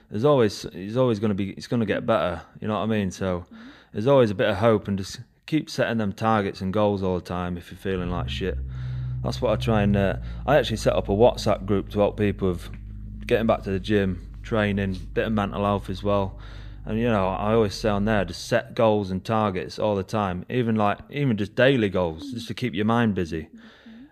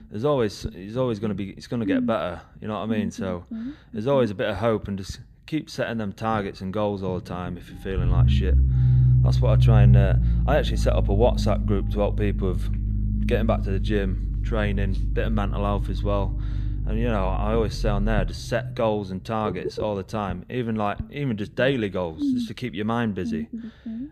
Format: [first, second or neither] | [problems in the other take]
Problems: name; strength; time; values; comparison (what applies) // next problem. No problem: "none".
first | low rumble; loud; throughout; 9 dB below the speech; faint in the first